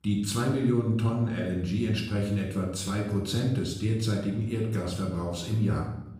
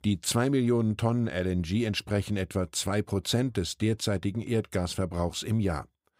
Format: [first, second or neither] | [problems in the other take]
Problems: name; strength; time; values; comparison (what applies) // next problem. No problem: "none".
second | off-mic speech; far // room echo; noticeable; dies away in 0.7 s